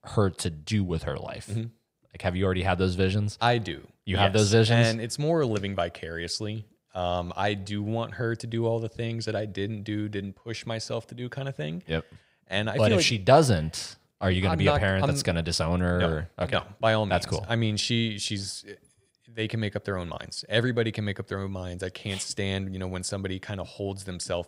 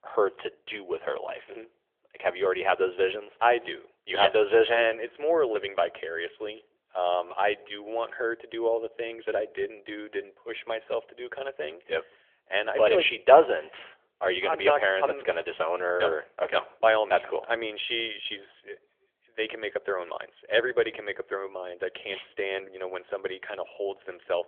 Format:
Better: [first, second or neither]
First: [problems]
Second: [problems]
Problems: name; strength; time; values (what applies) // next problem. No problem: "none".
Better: first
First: none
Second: phone-call audio; nothing above 3.5 kHz